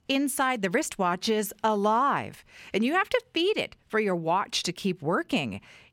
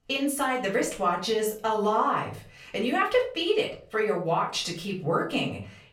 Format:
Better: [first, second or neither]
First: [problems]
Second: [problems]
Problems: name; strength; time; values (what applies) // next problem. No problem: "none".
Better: first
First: none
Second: off-mic speech; far // room echo; slight; dies away in 0.4 s